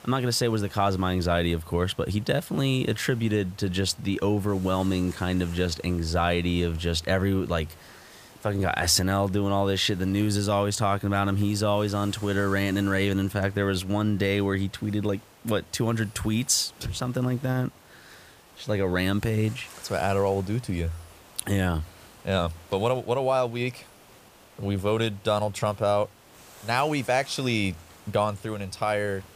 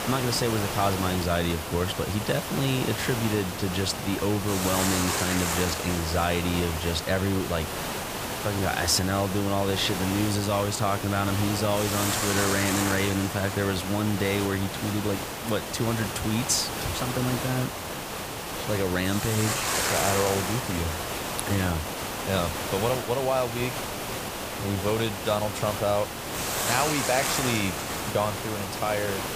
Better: first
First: hiss; faint; throughout; 25 dB below the speech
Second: hiss; loud; throughout; 2 dB below the speech

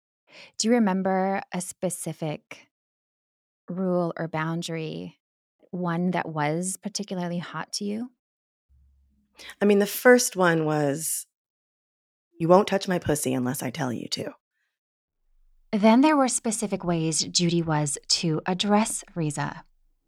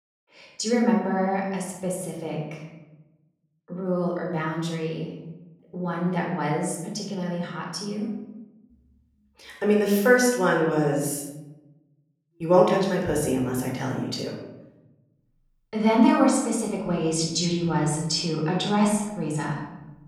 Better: first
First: none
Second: off-mic speech; somewhat distant // room echo; noticeable; dies away in 1 s

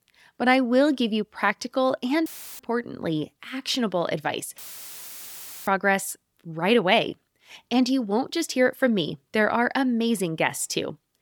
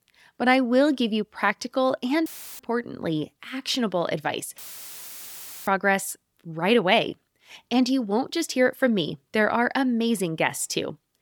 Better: neither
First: audio cutting out; filled with static; at 2.5 s and at 4.5 s for 1 s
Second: audio cutting out; filled with static; at 2.5 s and at 4.5 s for 1 s

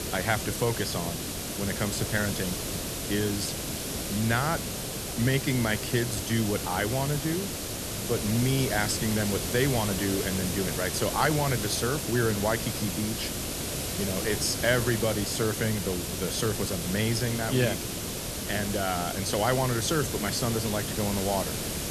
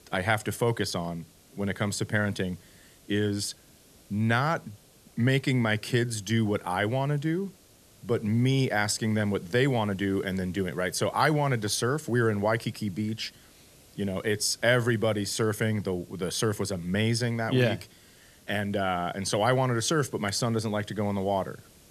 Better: second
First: hiss; loud; throughout; 2 dB below the speech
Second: hiss; faint; throughout; 25 dB below the speech

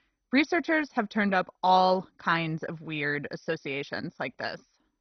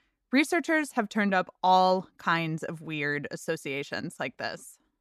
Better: second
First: garbled, watery; badly; nothing above 6 kHz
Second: none

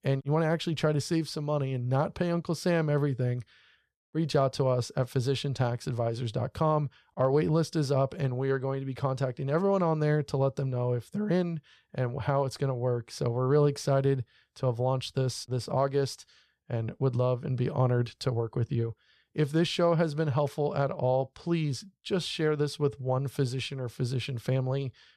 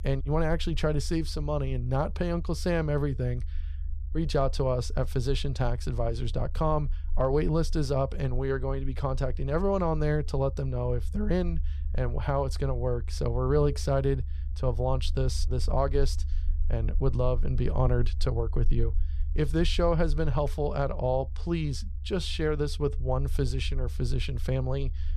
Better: first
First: none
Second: low rumble; faint; throughout; 25 dB below the speech

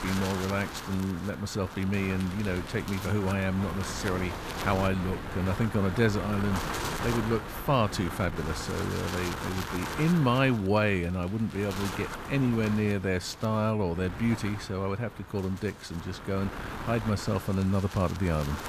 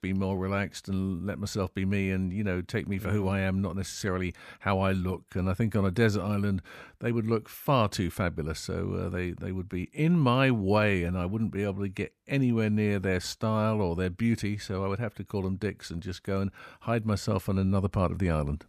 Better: second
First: wind noise on the microphone; heavy; 5 dB below the speech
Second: none

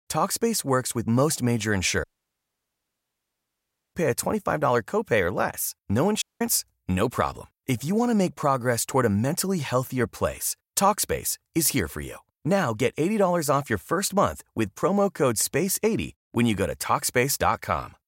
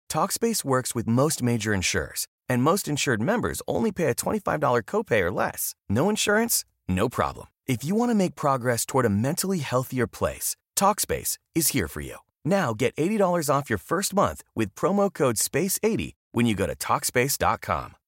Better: second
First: audio cutting out; at 2 s for 2 s and at 6 s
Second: none

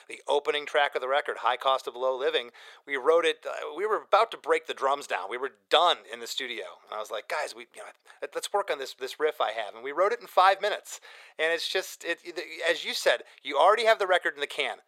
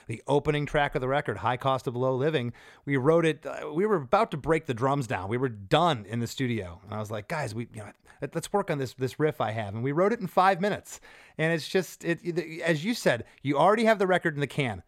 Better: second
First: thin; very; fading below 500 Hz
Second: none

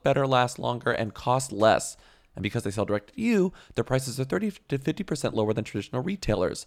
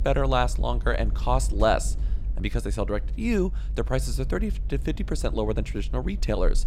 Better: first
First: none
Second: low rumble; faint; throughout; 20 dB below the speech

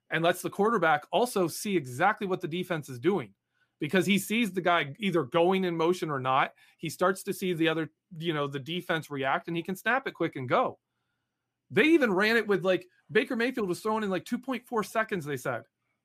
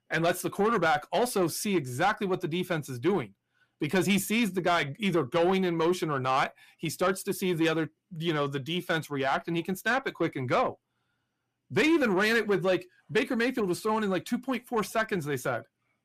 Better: first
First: none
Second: distortion; slight; 10 dB below the speech

